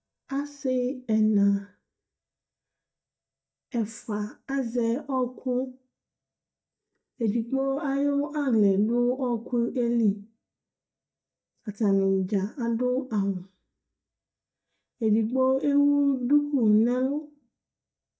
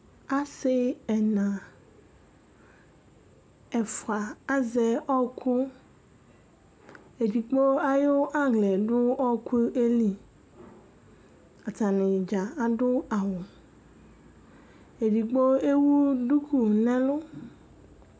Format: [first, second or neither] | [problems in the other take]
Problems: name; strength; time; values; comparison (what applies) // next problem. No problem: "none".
second | noise reduction (neural mask model DeepFilterNet 3)